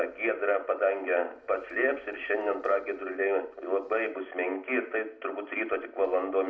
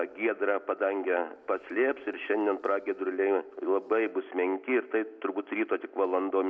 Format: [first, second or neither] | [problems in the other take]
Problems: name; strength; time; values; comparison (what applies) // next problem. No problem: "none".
second | room echo; dies away in 0.3 s